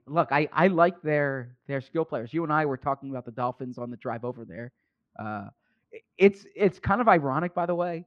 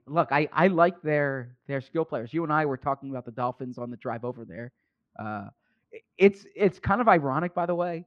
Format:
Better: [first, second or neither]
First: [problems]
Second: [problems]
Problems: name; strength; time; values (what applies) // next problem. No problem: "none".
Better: neither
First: muffled; very; fading above 1.5 kHz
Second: muffled; very; fading above 1.5 kHz